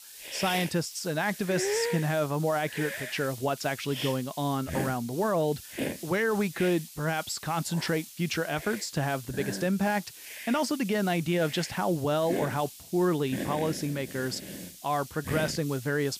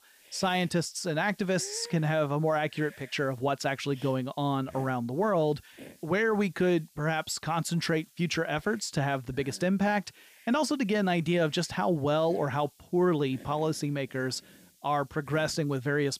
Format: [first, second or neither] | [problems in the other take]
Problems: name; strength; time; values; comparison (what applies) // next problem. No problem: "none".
second | hiss; loud; throughout; 9 dB below the speech; faint in the second